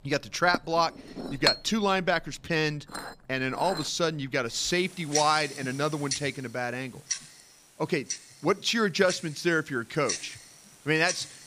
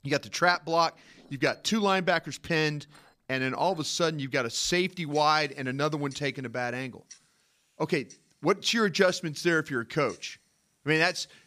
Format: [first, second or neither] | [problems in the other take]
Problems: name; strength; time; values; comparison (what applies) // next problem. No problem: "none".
second | household noises; loud; throughout; 6 dB below the speech; faint in the second